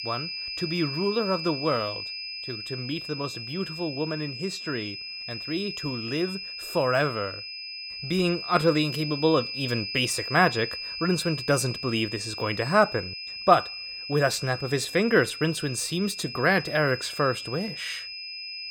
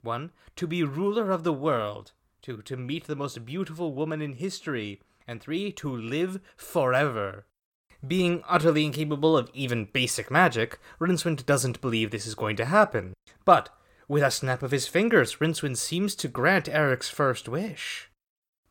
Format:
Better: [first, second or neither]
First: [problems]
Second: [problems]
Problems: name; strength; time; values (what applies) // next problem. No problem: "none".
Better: second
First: high-pitched whine; loud; throughout; 5 kHz, 7 dB below the speech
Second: none